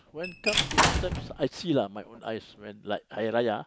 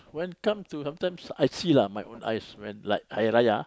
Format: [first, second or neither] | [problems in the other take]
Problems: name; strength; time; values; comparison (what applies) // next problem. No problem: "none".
second | background sound (Squeak / Slam / Wood); 5 dB above the speech